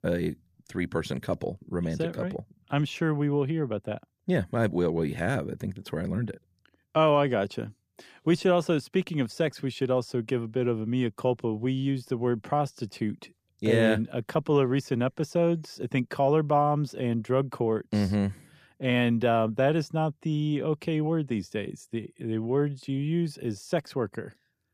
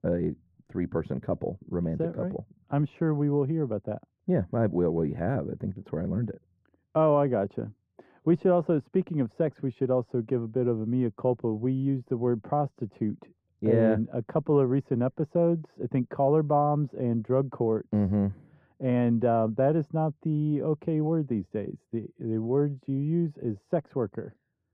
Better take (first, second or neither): first